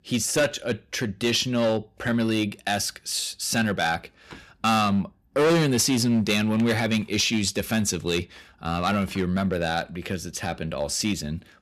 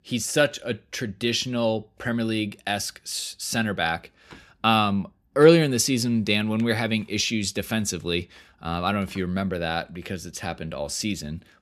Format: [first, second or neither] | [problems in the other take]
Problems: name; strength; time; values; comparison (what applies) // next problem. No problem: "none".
second | distortion; heavy; 6% of the sound clipped